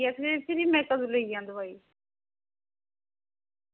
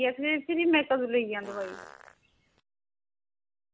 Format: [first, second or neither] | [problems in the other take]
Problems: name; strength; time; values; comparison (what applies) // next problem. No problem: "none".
first | background sound (Fart); 18 dB below the speech